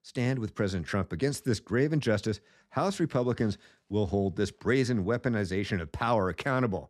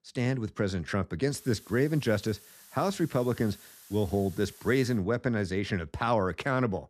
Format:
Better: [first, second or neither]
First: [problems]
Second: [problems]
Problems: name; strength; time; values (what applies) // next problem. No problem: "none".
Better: first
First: none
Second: hiss; faint; from 1.5 to 5 s; 20 dB below the speech